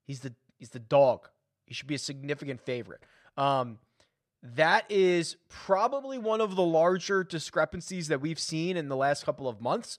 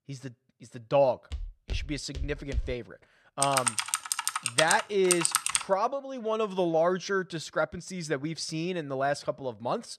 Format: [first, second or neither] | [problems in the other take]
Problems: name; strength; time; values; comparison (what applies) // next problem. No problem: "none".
first | footsteps; noticeable; from 1.5 to 2.5 s; peak 8 dB below the speech // keyboard typing; loud; from 3.5 to 5.5 s; peak 4 dB above the speech